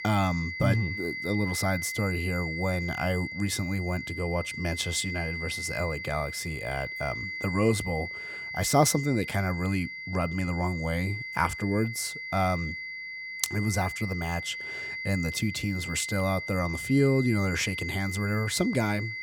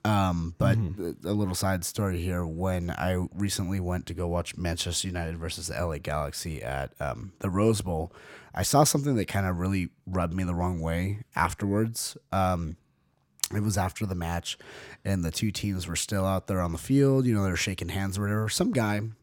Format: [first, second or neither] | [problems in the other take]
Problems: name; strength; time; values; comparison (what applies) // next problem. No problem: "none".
second | high-pitched whine; loud; throughout; 2 kHz, 6 dB below the speech